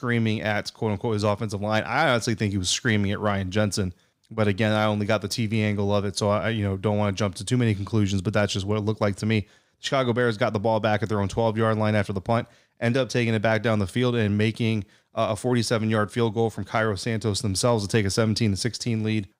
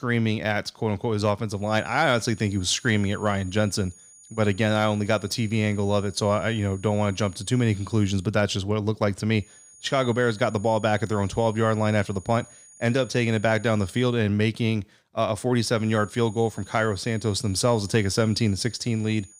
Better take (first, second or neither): first